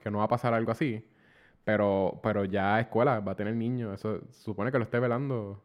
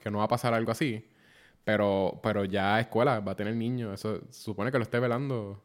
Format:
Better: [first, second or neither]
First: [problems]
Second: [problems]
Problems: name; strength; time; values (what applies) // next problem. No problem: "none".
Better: second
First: muffled; slightly; fading above 3 kHz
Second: none